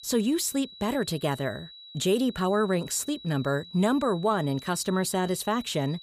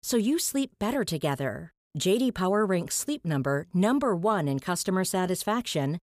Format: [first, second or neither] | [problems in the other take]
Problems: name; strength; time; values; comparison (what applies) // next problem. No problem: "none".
second | high-pitched whine; noticeable; throughout; 4 kHz, 15 dB below the speech